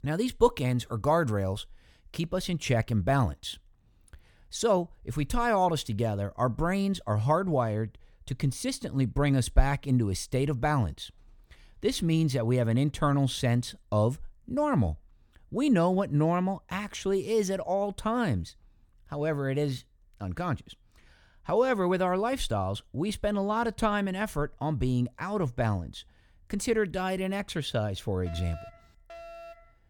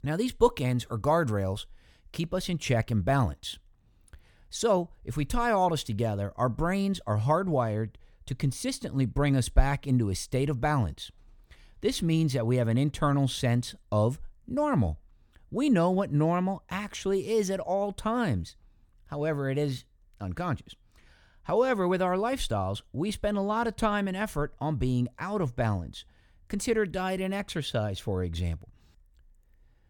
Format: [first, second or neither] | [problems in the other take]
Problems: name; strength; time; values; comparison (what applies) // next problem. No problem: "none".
second | alarm; faint; from 28 s on; peak 15 dB below the speech